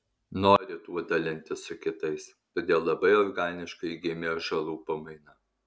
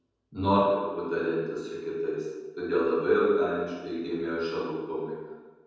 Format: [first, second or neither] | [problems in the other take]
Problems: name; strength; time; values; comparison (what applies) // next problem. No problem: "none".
first | room echo; dies away in 1.2 s